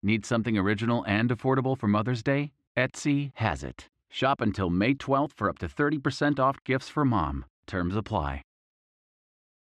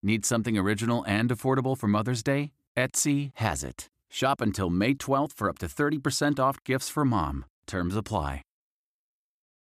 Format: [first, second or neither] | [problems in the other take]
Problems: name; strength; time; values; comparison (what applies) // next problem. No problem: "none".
second | muffled; slightly; fading above 3 kHz